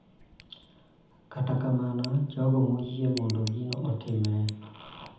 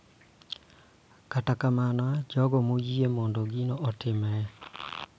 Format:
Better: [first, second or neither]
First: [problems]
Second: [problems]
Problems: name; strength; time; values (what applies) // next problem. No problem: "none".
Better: second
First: background sound (Tick); 19 dB below the speech // room echo; dies away in 0.8 s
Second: none